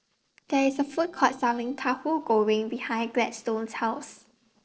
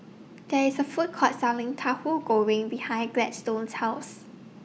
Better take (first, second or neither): second